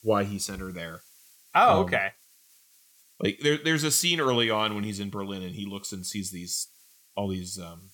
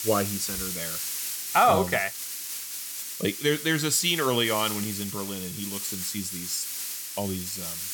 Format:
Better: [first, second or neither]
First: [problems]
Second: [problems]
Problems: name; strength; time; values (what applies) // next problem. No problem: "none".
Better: first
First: hiss; faint; throughout; 30 dB below the speech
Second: hiss; loud; throughout; 5 dB below the speech